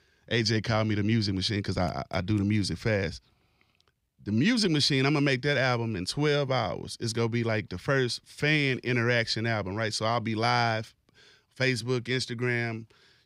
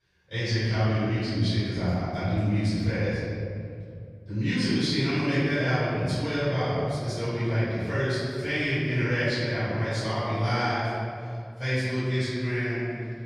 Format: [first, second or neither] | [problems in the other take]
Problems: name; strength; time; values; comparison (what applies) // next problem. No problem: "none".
first | off-mic speech; far // room echo; strong; dies away in 2.8 s